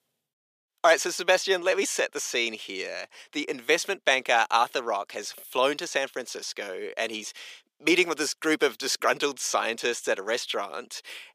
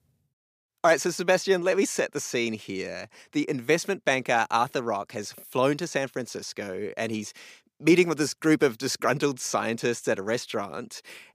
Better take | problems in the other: second | thin; somewhat; fading below 450 Hz

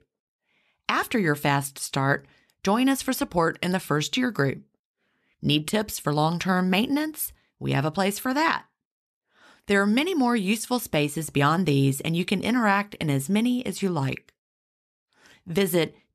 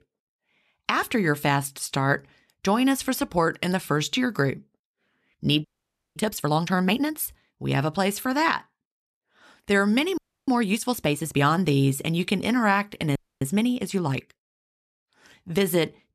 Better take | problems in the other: first | audio freezing; at 5.5 s for 0.5 s, at 10 s and at 13 s

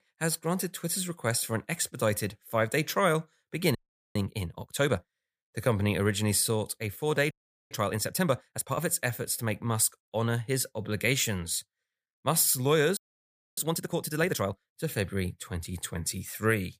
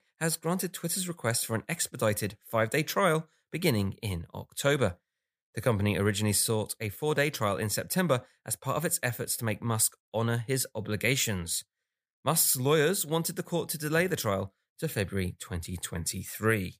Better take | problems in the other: second | audio freezing; at 4 s, at 7.5 s and at 13 s for 0.5 s

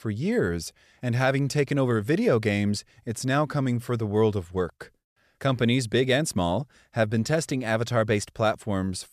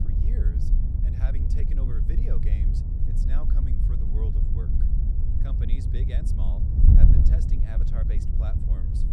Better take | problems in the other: first | wind noise on the microphone; heavy; 4 dB above the speech

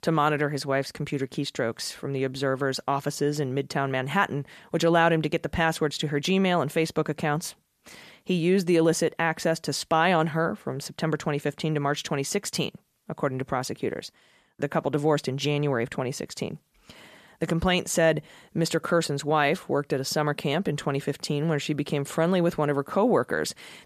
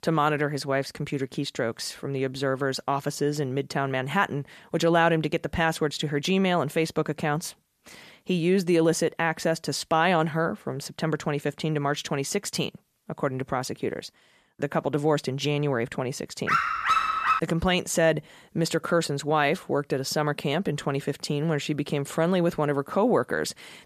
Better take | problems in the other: first | dog barking; loud; at 16 s; peak 3 dB above the speech

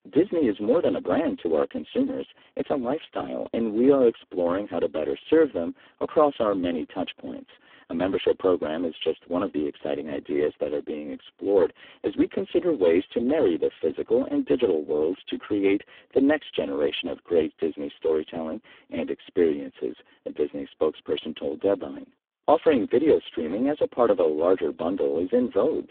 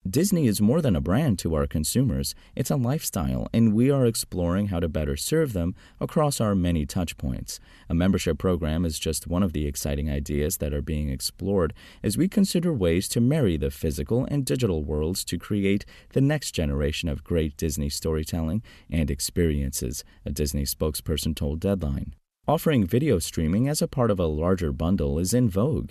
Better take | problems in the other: second | phone-call audio; poor line

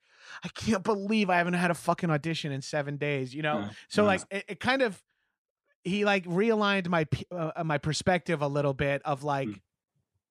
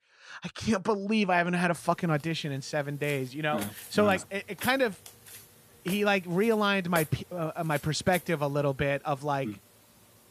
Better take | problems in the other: first | footsteps; noticeable; from 3 to 8 s; peak 8 dB below the speech

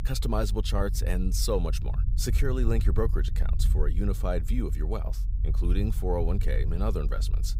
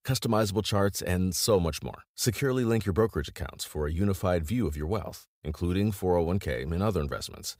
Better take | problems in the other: second | low rumble; noticeable; throughout; 15 dB below the speech

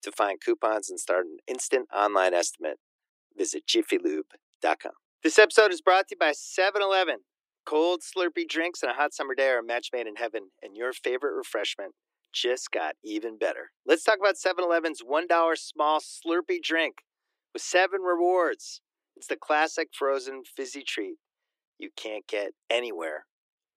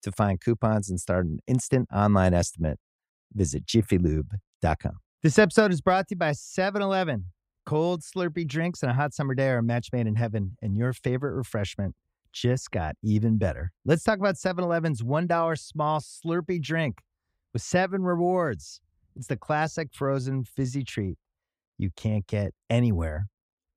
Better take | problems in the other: second | thin; very; fading below 300 Hz

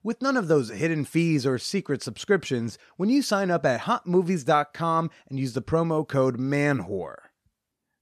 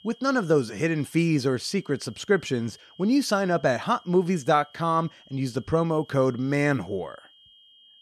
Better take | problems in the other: first | high-pitched whine; faint; throughout; 3 kHz, 25 dB below the speech

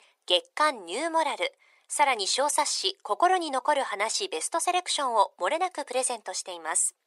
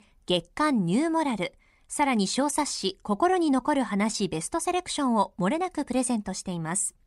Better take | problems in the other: second | thin; very; fading below 450 Hz

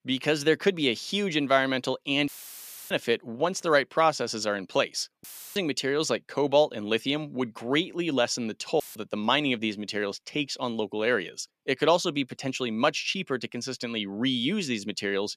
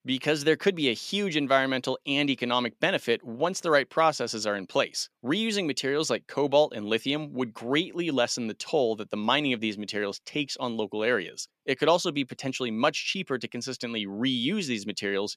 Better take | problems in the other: second | audio cutting out; filled with static; at 2.5 s for 0.5 s, at 5 s and at 9 s

